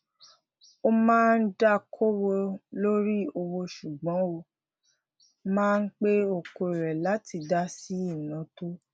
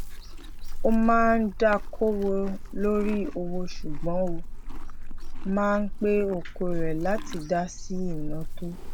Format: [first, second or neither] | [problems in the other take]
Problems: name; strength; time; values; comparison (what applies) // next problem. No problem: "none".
first | background sound (Livestock, farm animals, working animals); 1 dB below the speech